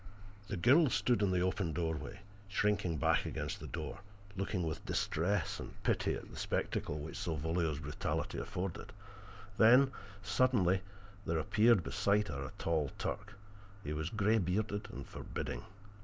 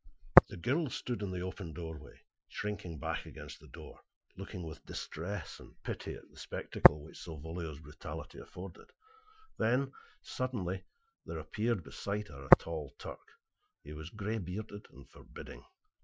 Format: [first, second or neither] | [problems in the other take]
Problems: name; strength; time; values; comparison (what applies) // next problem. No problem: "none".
first | noise reduction (classical method Wiener filter)